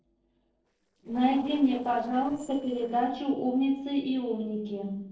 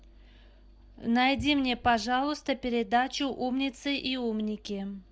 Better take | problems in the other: second | noise reduction (neural separator model SepFormer DNS4)

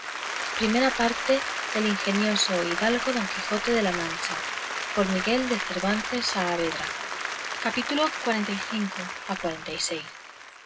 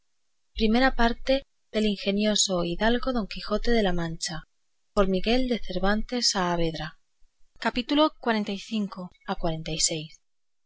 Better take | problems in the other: second | background sound (Applause); 4 dB below the speech // room echo; dies away in 0.2 s

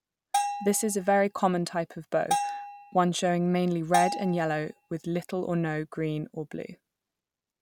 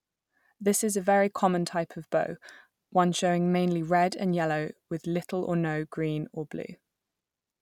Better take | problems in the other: second | background sound (Bell); 6 dB below the speech

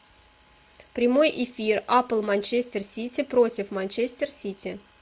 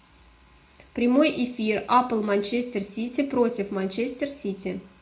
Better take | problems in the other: first | room echo; dies away in 0.3 s

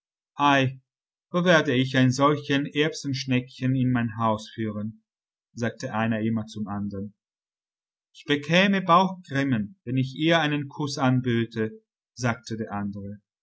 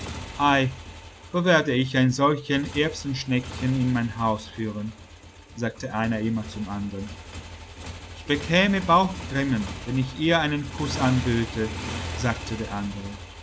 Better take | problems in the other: first | background sound (Motorcycle); 12 dB below the speech

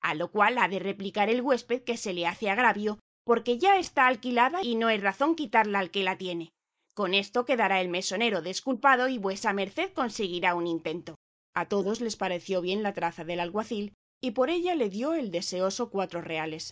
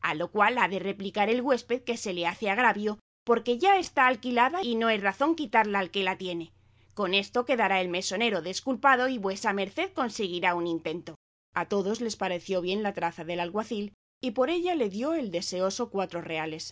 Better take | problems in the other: second | noise reduction (neural mask model Resemble Enhance denoiser)

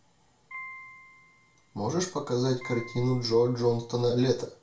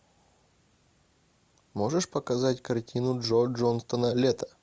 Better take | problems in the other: second | background sound (Piano); 19 dB below the speech // room echo; dies away in 0.3 s

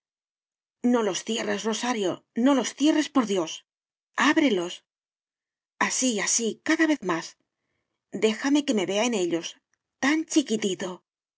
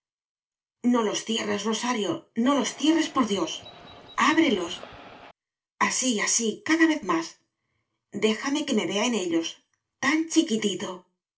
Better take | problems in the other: first | background sound (Bird); 19 dB below the speech // room echo; dies away in 0.2 s

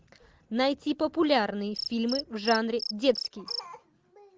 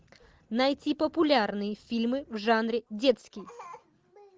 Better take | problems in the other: second | background sound (Cricket); 12 dB below the speech

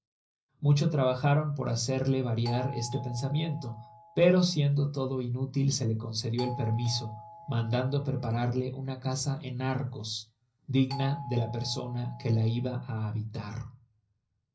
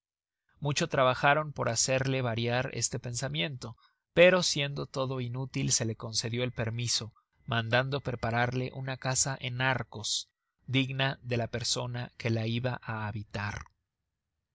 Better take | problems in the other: second | background sound (Doorbell); 15 dB below the speech // room echo; dies away in 0.5 s

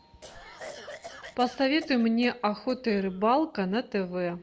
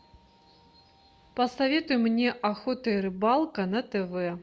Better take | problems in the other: second | background sound (Cough); 18 dB below the speech

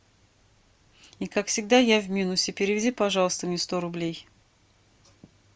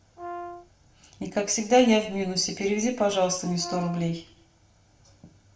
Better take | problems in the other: first | background sound (Brass instrument); 13 dB below the speech // room echo; dies away in 0.5 s

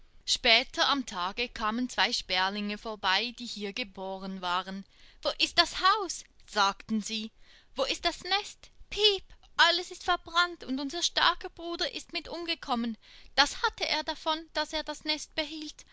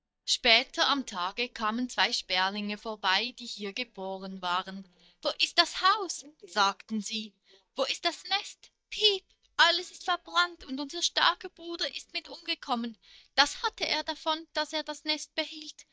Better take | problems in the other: first | noise reduction (neural mask model DeepFilterNet 3)

